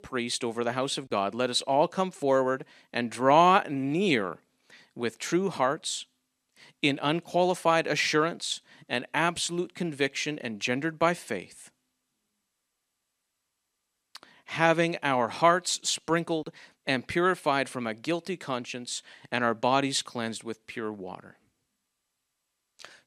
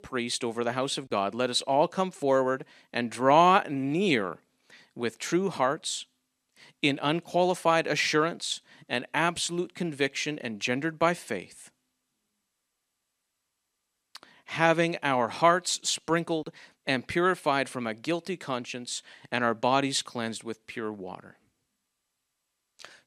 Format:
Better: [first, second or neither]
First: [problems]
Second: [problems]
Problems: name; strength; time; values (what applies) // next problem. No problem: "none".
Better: neither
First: none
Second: none